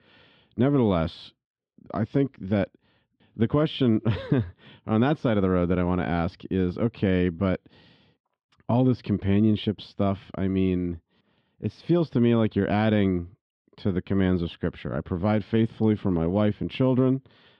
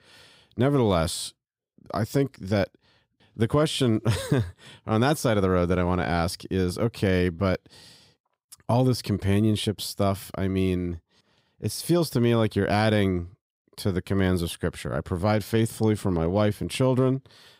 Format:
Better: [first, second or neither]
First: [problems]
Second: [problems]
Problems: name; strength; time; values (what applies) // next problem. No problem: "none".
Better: second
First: muffled; slightly; fading above 3 kHz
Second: none